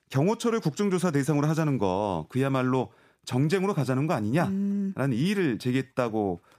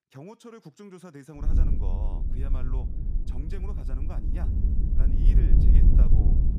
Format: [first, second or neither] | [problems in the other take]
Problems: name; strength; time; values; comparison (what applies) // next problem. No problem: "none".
first | wind noise on the microphone; heavy; from 1.5 s on; 3 dB above the speech